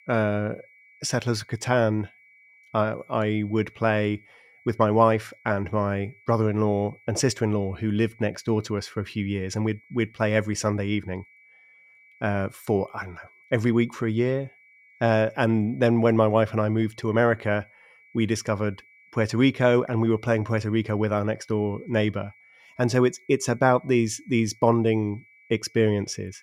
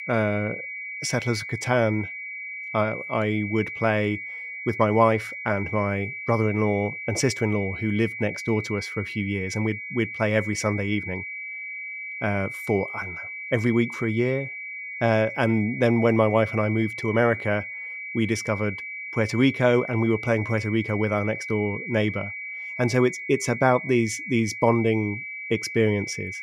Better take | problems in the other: first | high-pitched whine; loud; throughout; 2.5 kHz, 8 dB below the speech; faint in the first

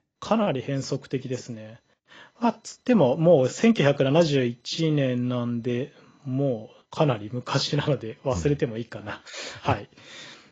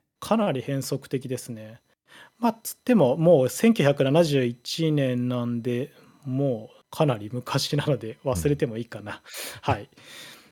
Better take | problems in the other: second | garbled, watery; badly; nothing above 7.5 kHz

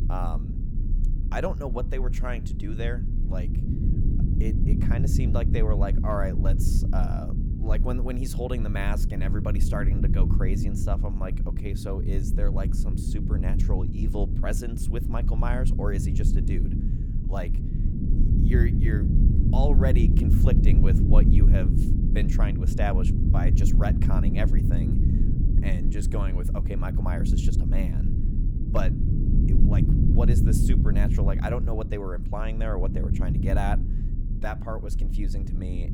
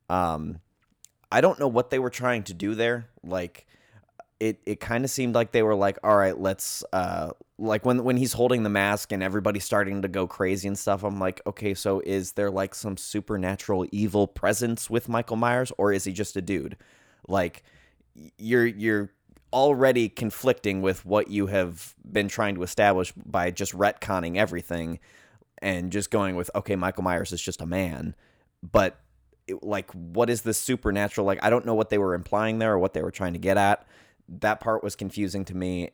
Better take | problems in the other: second | low rumble; loud; throughout; 3 dB below the speech

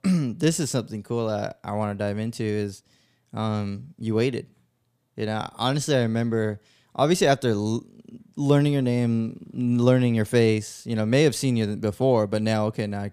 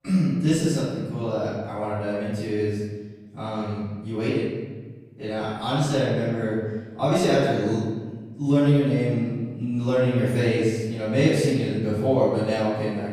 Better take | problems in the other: first | room echo; strong; dies away in 1.3 s // off-mic speech; far

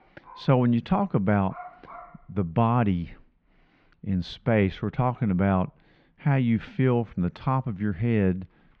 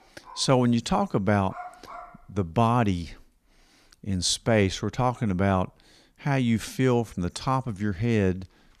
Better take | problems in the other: second | muffled; very; fading above 3 kHz

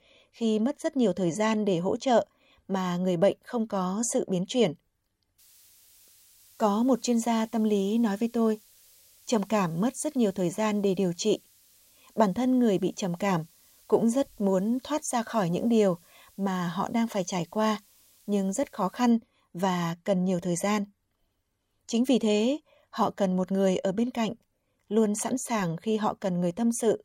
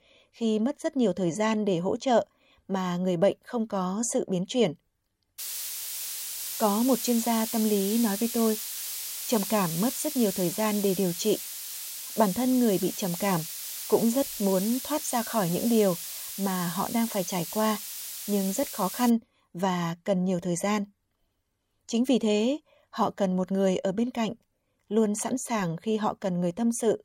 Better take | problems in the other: first | hiss; loud; from 5.5 to 19 s; 6 dB below the speech; faint in the first

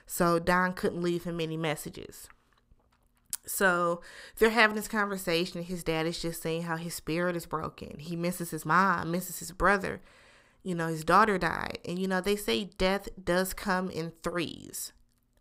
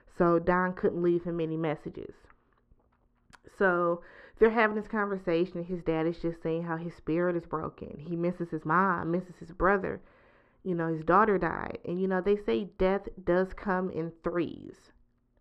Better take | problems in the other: first | muffled; very; fading above 1.5 kHz

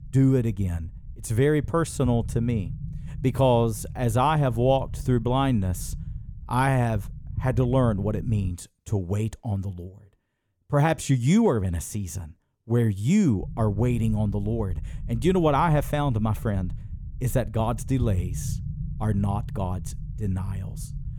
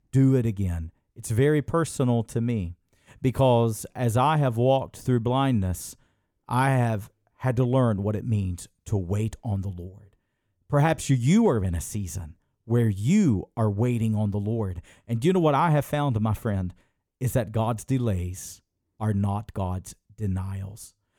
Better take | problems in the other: second | low rumble; faint; until 8.5 s and from 13 s on; 20 dB below the speech

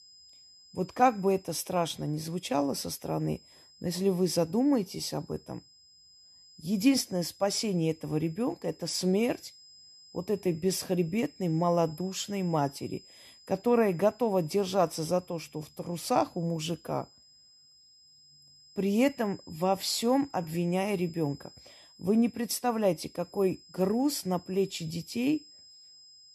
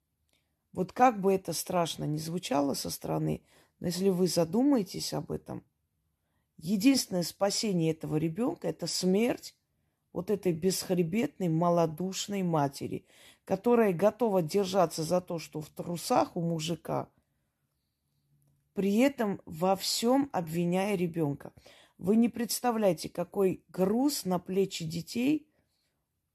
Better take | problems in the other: second | high-pitched whine; faint; throughout; 5 kHz, 25 dB below the speech

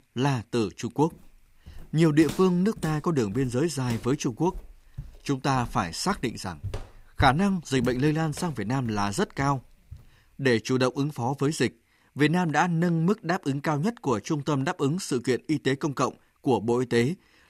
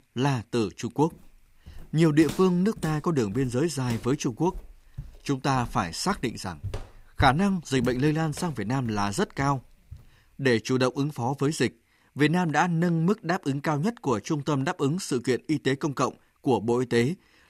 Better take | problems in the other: neither | footsteps; noticeable; from 2 to 10 s; peak 8 dB below the speech; the same in both

